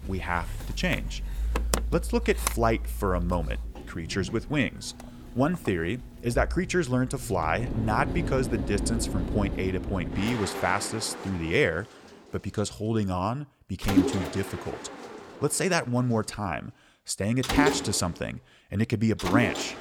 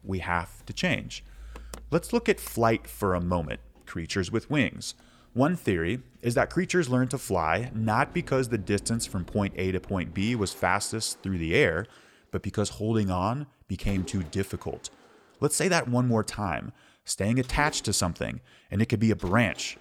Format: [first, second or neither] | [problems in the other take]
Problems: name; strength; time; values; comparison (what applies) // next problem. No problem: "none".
second | machinery noise; loud; throughout; 4 dB below the speech; faint in the second